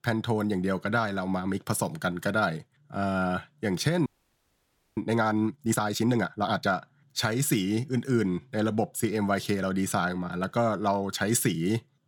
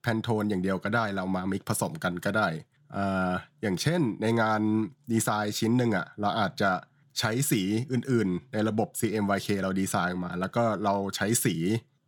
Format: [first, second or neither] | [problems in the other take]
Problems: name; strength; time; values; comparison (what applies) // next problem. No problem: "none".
second | audio freezing; at 4 s for 1 s